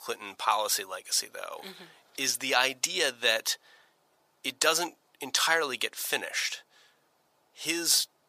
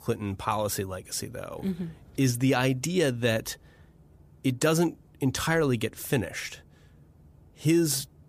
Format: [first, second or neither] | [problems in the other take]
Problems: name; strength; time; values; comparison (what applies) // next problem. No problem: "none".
second | thin; very; fading below 850 Hz